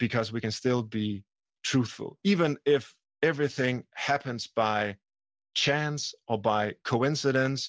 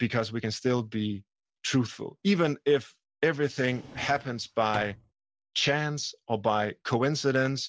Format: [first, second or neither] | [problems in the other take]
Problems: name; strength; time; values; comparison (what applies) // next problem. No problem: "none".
first | background sound (Drawer open or close); 15 dB below the speech